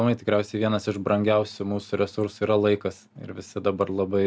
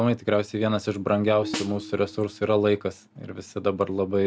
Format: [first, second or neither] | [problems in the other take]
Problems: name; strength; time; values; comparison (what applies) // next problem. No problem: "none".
first | background sound (Tabla + Snare drum); 14 dB below the speech